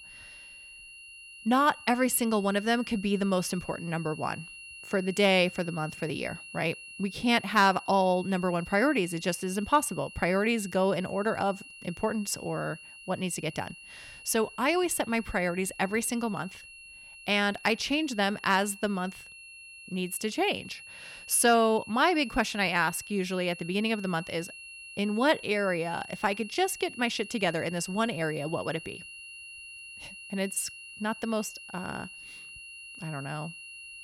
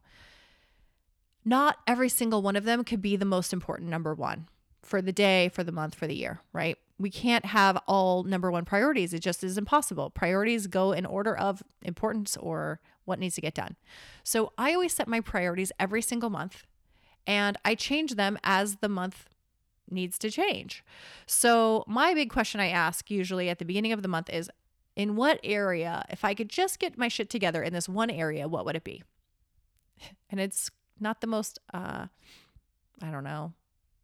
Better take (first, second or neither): second